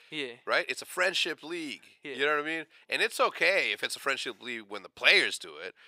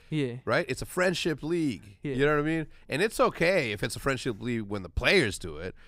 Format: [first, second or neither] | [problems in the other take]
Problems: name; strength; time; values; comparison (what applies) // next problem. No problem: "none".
second | thin; somewhat; fading below 500 Hz